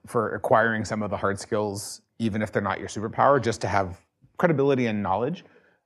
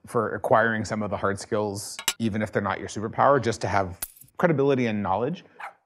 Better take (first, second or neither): first